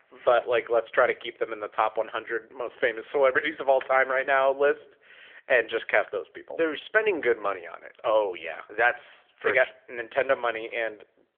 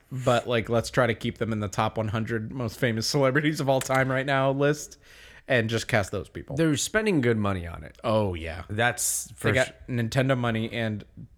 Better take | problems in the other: second | phone-call audio; nothing above 3.5 kHz

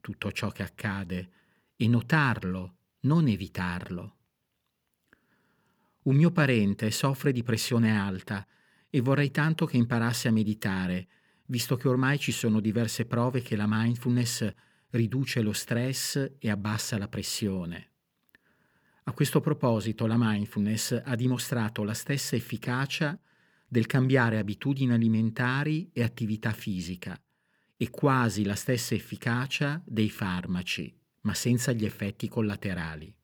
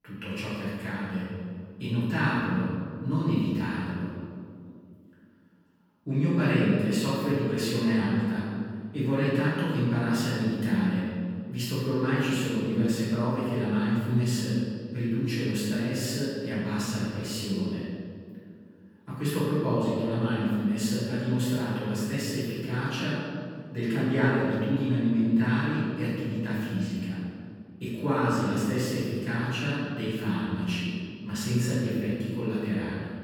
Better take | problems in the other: first | room echo; strong; dies away in 2 s // off-mic speech; far

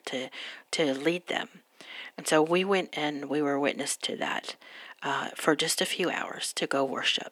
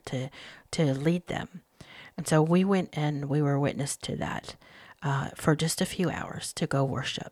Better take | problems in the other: second | thin; somewhat; fading below 250 Hz

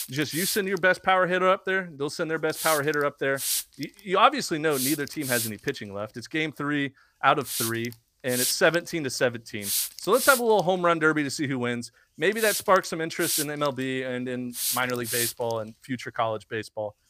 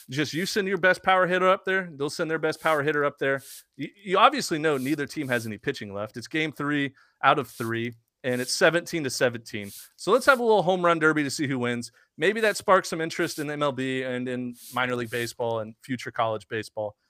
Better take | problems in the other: second | hiss; loud; throughout; 3 dB below the speech; faint in the second

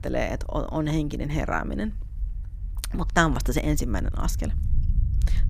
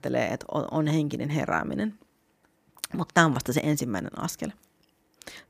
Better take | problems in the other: second | low rumble; faint; throughout; 20 dB below the speech

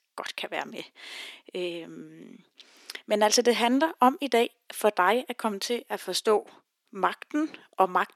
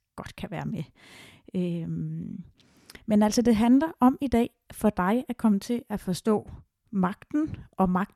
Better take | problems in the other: second | thin; somewhat; fading below 350 Hz

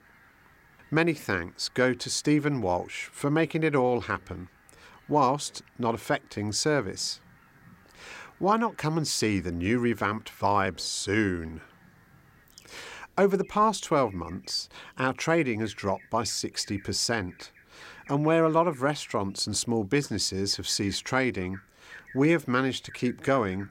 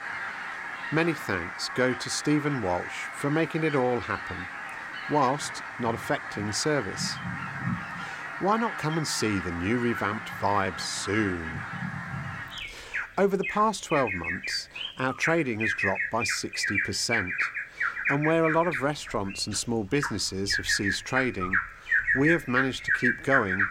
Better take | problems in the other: first | animal sounds; loud; throughout; 3 dB below the speech; faint in the first

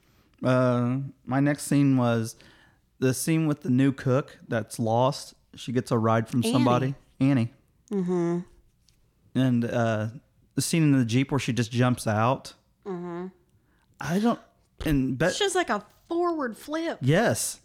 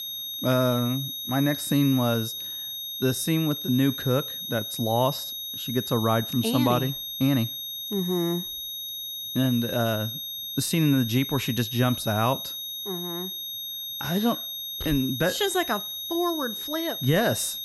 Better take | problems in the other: first | high-pitched whine; loud; throughout; 3.5 kHz, 5 dB below the speech

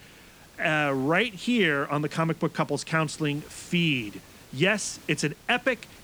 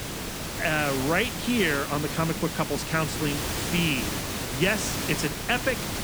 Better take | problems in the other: first | hiss; loud; throughout; 3 dB below the speech; faint in the first

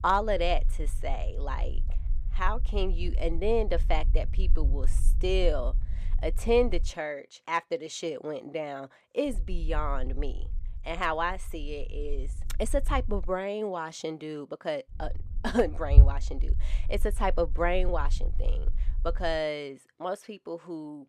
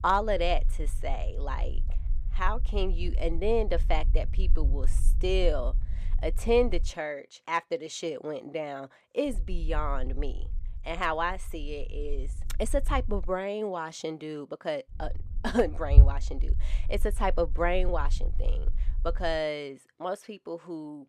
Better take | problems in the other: neither | low rumble; faint; until 7 s, from 9.5 to 13 s and from 15 to 19 s; 20 dB below the speech; the same in both

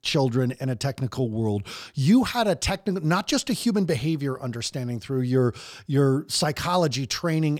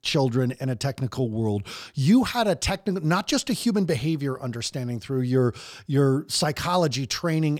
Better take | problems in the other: neither | none

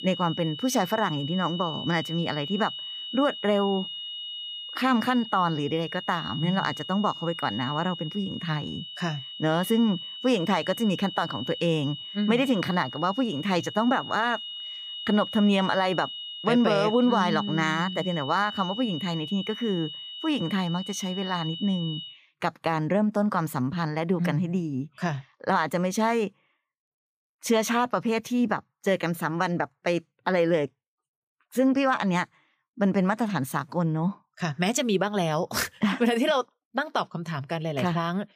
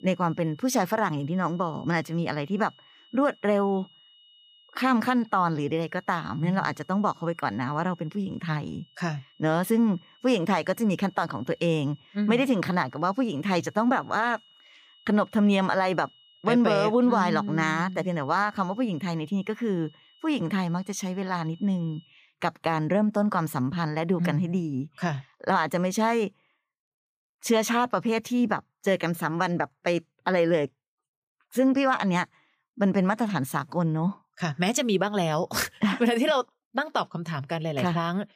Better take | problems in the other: second | high-pitched whine; loud; until 22 s; 3 kHz, 9 dB below the speech; faint in the second

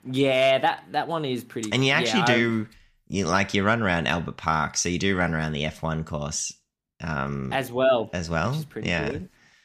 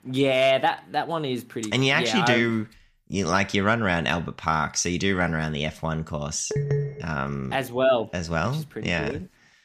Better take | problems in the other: first | phone ringing; noticeable; at 6.5 s; peak 2 dB below the speech

